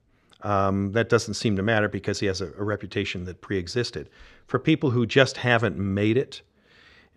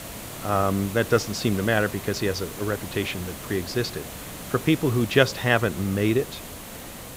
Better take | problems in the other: first | hiss; noticeable; throughout; 10 dB below the speech

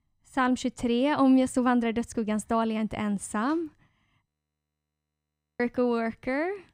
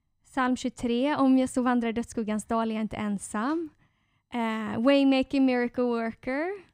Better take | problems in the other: second | audio freezing; at 4.5 s for 1.5 s

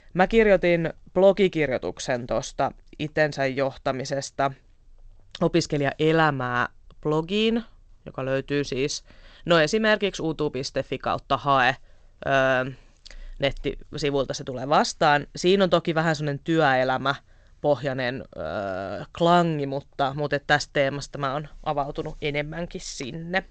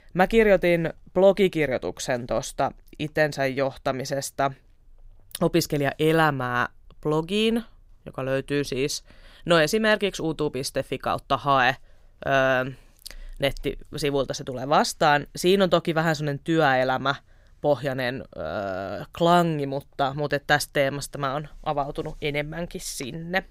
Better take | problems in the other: second | garbled, watery; slightly; nothing above 7.5 kHz

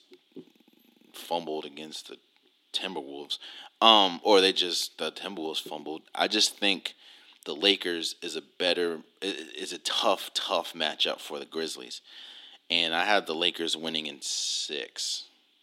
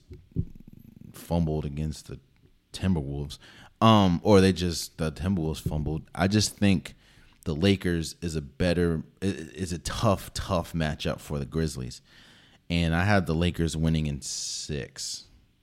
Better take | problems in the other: second | thin; very; fading below 300 Hz

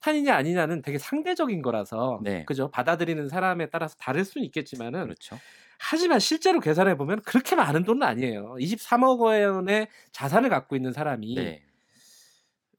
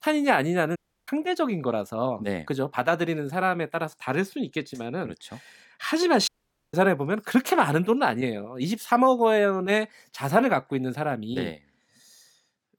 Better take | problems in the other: first | audio cutting out; at 1 s and at 6.5 s

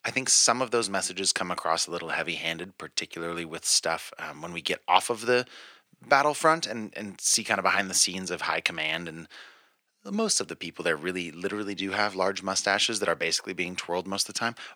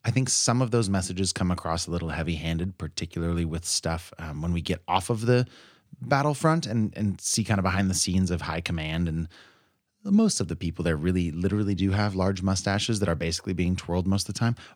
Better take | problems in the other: second | thin; very; fading below 450 Hz

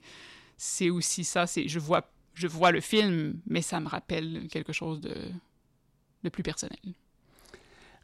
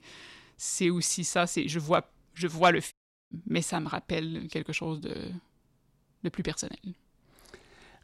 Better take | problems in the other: first | audio cutting out; at 3 s

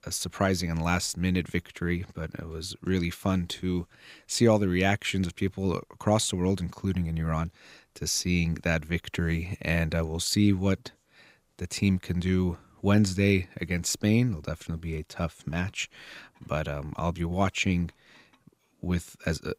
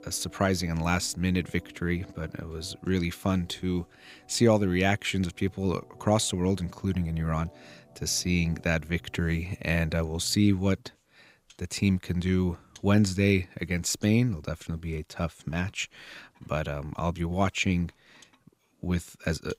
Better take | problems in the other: first | background music; faint; throughout; 25 dB below the speech

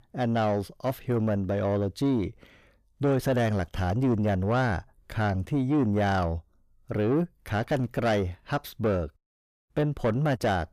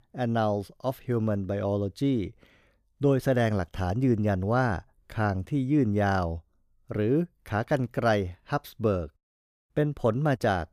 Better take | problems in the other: second | distortion; slight; 9 dB below the speech

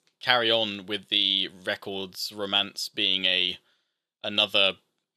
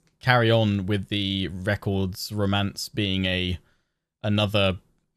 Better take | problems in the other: second | thin; somewhat; fading below 350 Hz

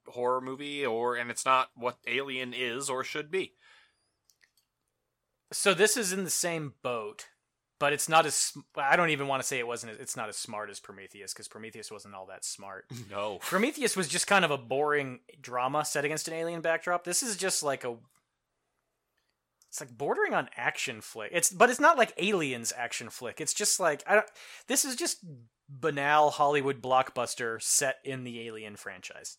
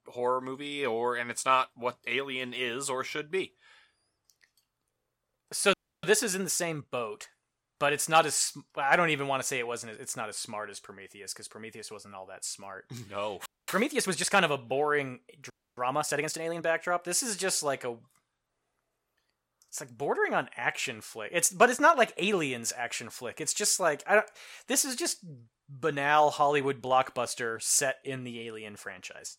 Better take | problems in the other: first | audio freezing; at 5.5 s, at 13 s and at 16 s

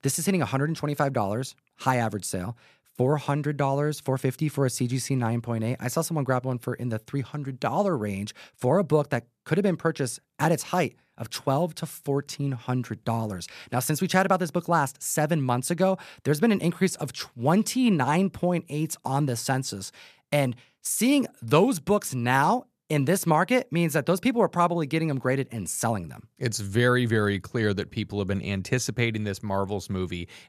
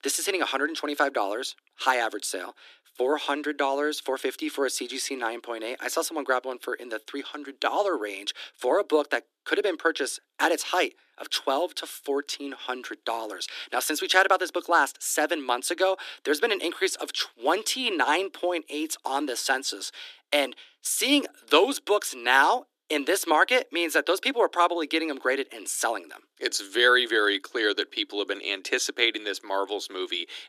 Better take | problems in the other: first | thin; somewhat; fading below 300 Hz

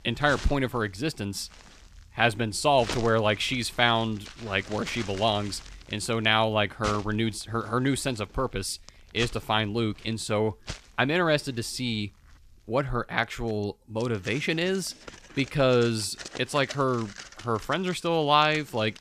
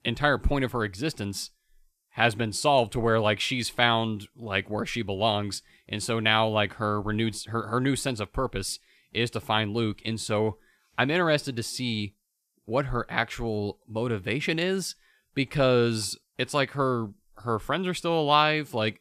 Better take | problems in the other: second | household noises; noticeable; throughout; 15 dB below the speech

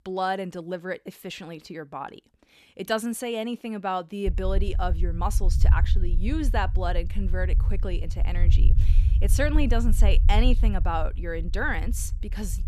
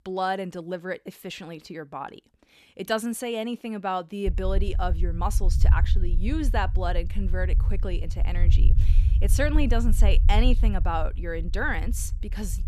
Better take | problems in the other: neither | low rumble; noticeable; from 4.5 s on; 15 dB below the speech; the same in both

